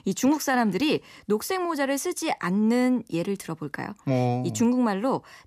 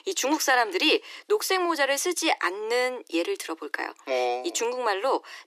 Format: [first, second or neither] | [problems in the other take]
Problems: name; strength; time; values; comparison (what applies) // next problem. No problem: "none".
first | thin; very; fading below 300 Hz